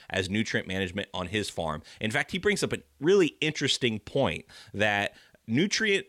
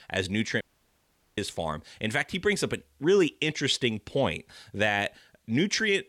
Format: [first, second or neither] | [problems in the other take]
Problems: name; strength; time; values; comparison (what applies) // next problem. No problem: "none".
first | audio cutting out; at 0.5 s for 1 s